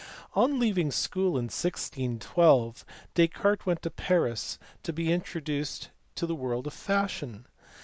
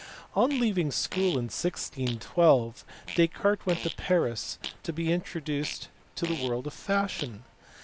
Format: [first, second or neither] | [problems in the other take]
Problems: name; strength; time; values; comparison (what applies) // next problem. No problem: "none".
first | background sound (Fart); 15 dB below the speech